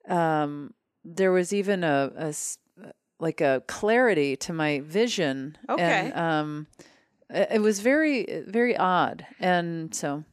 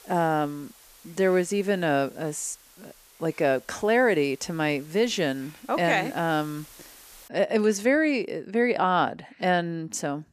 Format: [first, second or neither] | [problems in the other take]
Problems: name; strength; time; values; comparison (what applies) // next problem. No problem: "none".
first | hiss; faint; until 7.5 s; 25 dB below the speech